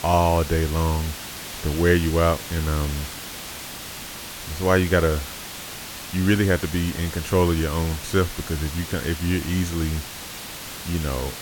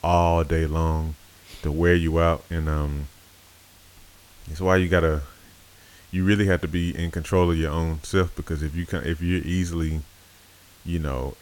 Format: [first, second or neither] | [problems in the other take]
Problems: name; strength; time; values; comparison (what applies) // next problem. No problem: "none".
second | hiss; loud; throughout; 10 dB below the speech; faint in the second